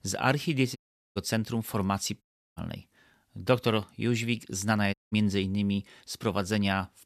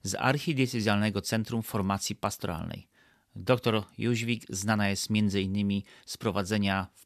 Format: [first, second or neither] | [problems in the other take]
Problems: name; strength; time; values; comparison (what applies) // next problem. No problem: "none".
second | audio cutting out; at 1 s, at 2 s and at 5 s